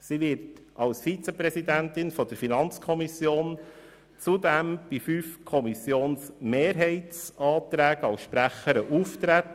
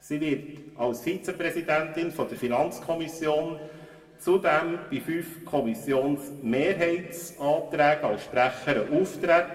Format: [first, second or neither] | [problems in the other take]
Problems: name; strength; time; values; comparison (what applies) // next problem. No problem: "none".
first | room echo; dies away in 1.4 s